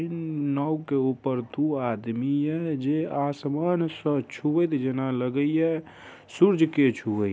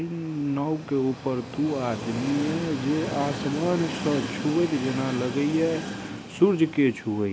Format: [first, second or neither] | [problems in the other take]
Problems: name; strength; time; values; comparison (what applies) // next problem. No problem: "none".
first | background sound (Train); 8 dB below the speech